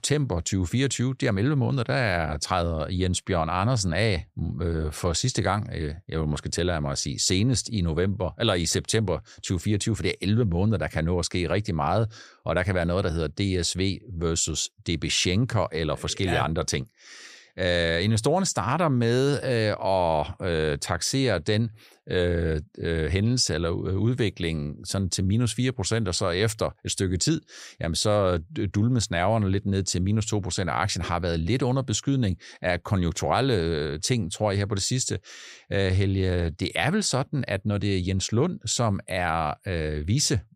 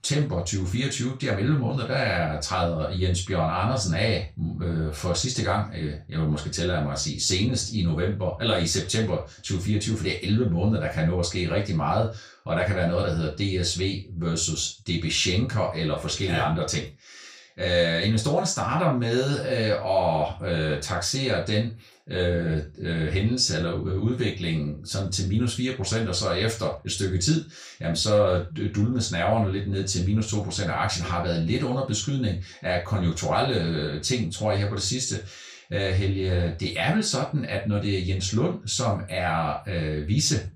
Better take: first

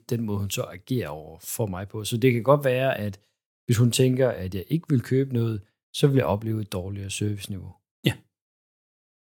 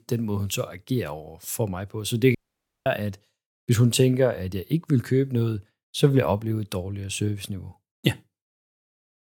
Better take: first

